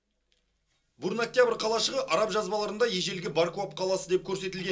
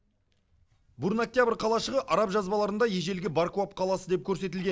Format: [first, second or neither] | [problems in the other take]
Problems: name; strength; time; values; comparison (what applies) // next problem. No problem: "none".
second | room echo; dies away in 0.2 s